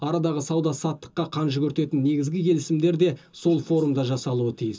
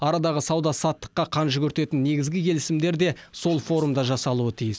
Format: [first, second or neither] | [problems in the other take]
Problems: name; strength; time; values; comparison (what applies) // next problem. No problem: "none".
second | room echo; dies away in 0.2 s